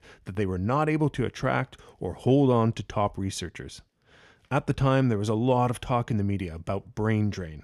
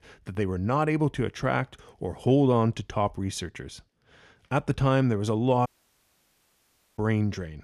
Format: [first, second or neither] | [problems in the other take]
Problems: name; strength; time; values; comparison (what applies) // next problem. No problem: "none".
first | audio cutting out; at 5.5 s for 1.5 s